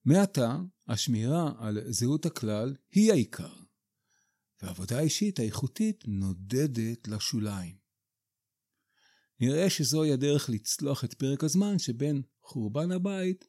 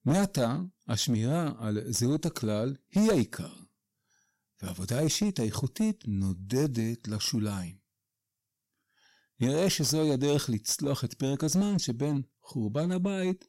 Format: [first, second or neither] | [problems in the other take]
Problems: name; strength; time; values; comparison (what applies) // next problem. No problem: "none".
first | distortion; slight; 6% of the sound clipped